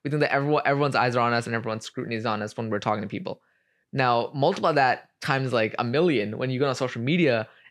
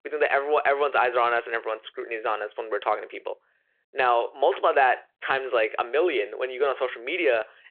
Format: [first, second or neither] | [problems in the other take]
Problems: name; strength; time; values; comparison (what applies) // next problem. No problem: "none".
first | phone-call audio